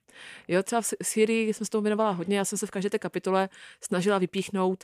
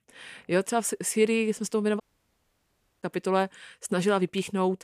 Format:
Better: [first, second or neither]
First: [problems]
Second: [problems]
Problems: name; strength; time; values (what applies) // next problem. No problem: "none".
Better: first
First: none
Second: audio cutting out; at 2 s for 1 s